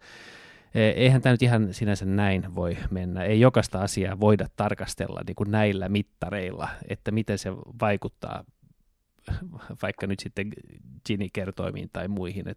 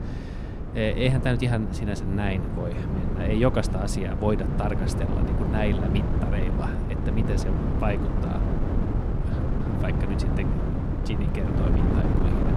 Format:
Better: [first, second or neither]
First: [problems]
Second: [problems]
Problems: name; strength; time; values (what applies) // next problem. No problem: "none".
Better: first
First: none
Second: wind noise on the microphone; heavy; 3 dB below the speech